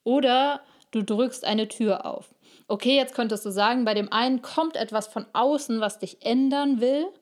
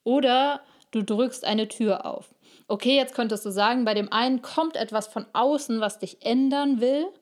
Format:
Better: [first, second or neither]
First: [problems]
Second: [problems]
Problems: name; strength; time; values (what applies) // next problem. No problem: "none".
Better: neither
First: none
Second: none